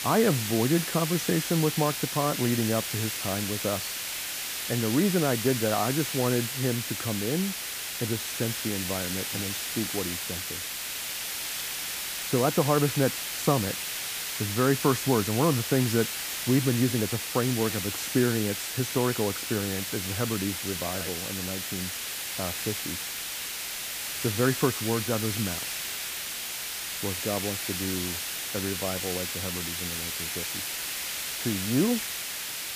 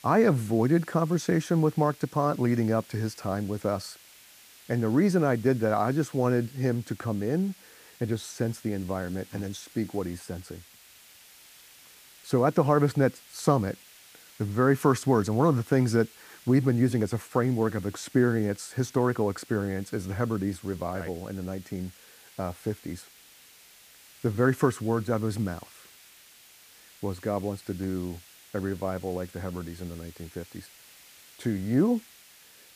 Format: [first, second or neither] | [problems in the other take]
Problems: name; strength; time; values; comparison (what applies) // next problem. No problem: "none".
second | hiss; loud; throughout; 2 dB below the speech; faint in the second